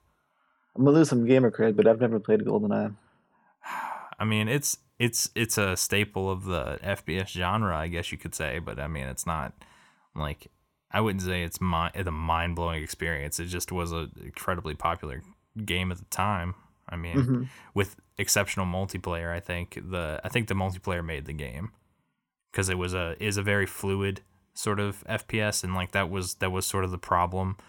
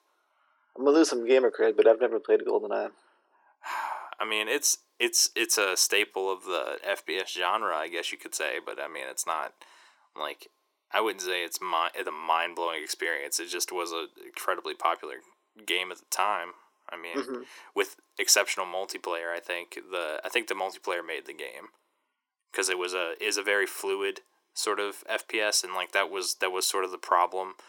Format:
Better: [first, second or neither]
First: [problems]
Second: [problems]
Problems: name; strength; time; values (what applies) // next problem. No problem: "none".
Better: first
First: none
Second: thin; very; fading below 350 Hz